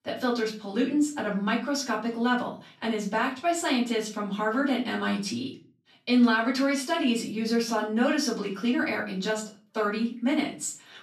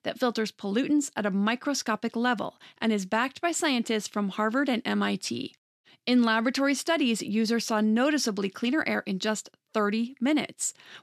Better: second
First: off-mic speech; far // room echo; slight; dies away in 0.3 s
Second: none

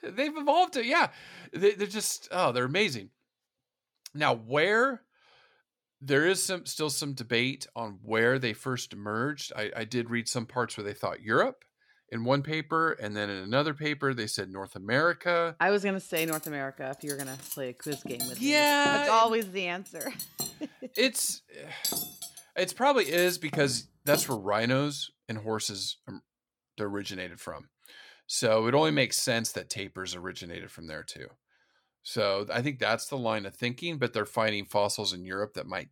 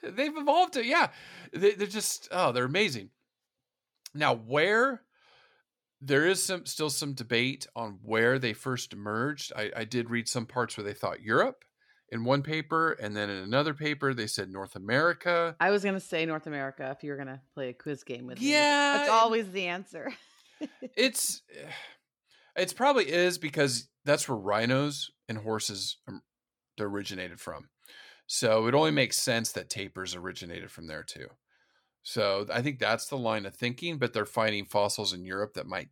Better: second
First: clattering dishes; noticeable; from 16 to 24 s; peak 2 dB below the speech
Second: none

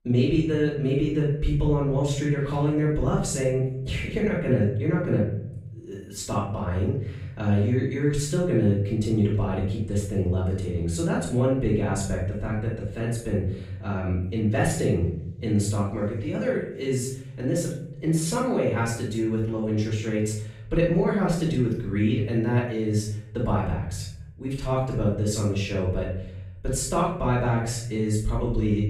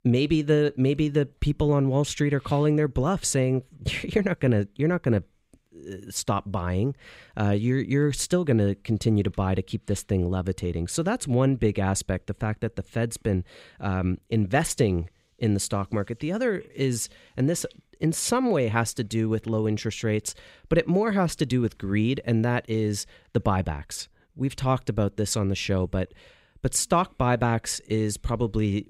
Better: second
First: room echo; noticeable; dies away in 0.8 s // off-mic speech; far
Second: none

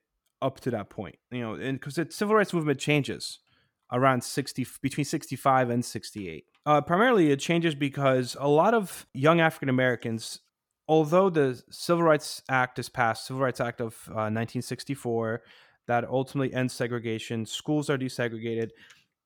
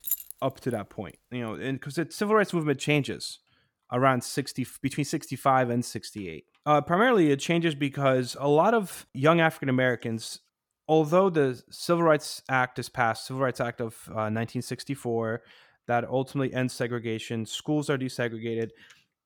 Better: first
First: none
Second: jangling keys; noticeable; at the start; peak 3 dB below the speech

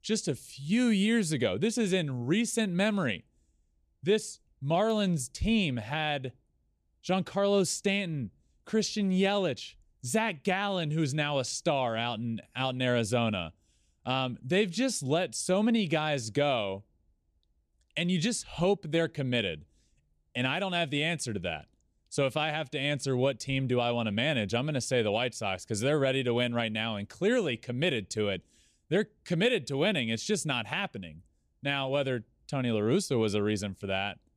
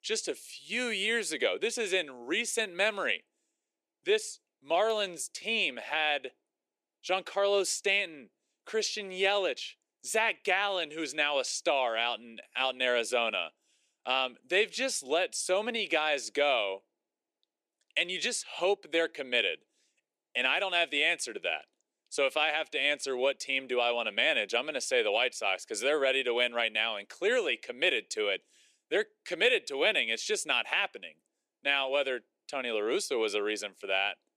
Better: first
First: none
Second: thin; very; fading below 350 Hz

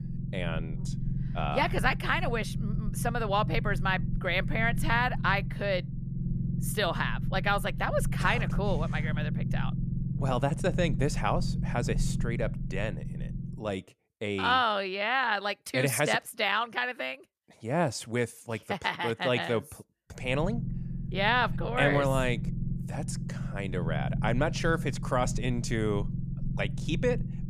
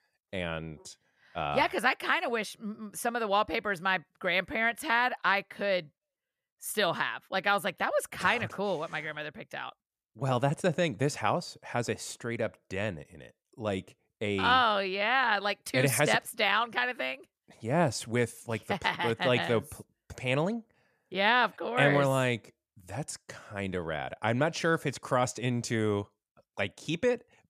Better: second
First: low rumble; noticeable; until 14 s and from 20 s on; 15 dB below the speech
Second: none

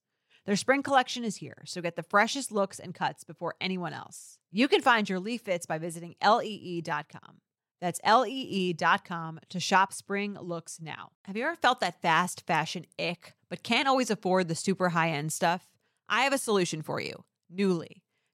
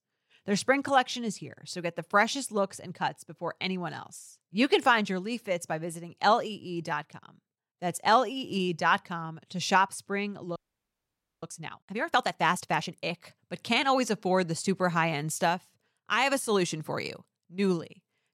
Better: first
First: none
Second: audio freezing; at 11 s for 1 s

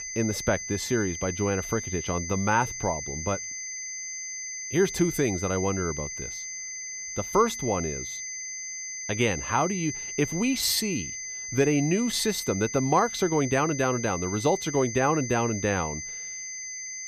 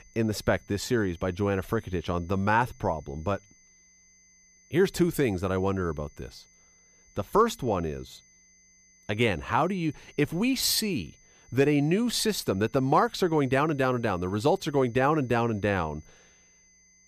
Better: second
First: high-pitched whine; loud; throughout; 6 kHz, 6 dB below the speech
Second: high-pitched whine; faint; throughout; 6 kHz, 30 dB below the speech

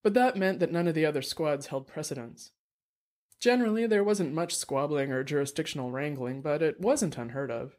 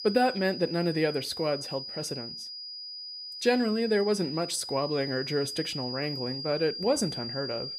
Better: first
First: none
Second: high-pitched whine; loud; throughout; 5 kHz, 7 dB below the speech

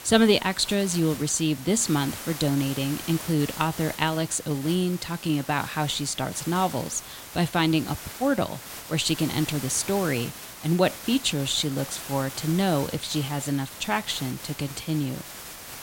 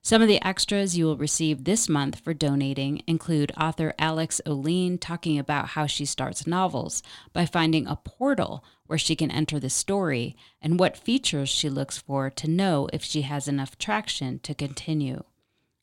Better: second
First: hiss; noticeable; throughout; 10 dB below the speech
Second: none

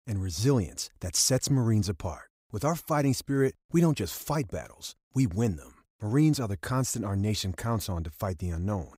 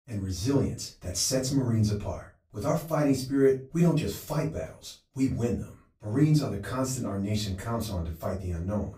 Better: first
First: none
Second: off-mic speech; far // room echo; slight; dies away in 0.3 s

